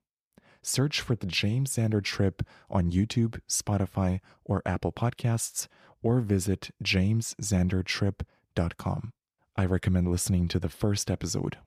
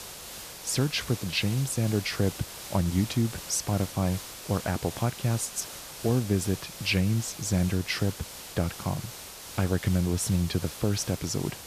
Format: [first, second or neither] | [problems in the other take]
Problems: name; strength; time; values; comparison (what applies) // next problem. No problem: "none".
first | hiss; noticeable; throughout; 10 dB below the speech